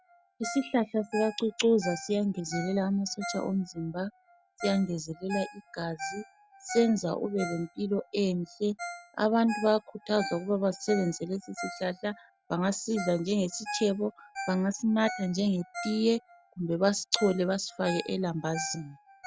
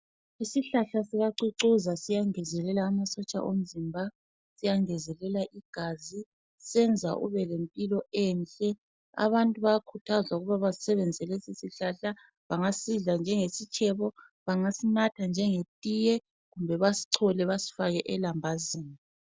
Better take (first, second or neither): second